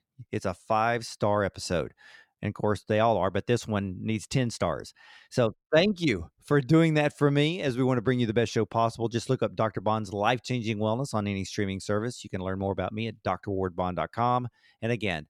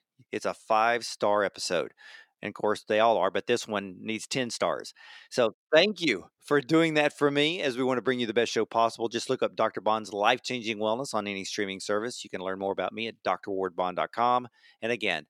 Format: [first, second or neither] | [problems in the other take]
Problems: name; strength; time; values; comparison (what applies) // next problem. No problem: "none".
first | thin; somewhat; fading below 300 Hz